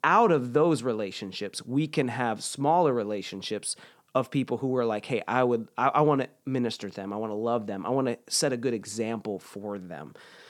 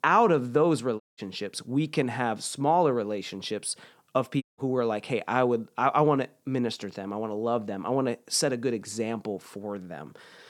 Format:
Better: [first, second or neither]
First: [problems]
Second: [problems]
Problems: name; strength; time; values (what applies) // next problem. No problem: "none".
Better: first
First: none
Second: audio cutting out; at 1 s and at 4.5 s